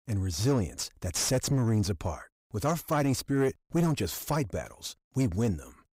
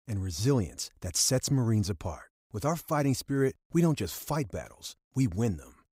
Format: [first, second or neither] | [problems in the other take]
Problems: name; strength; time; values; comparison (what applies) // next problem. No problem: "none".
second | distortion; slight; 9 dB below the speech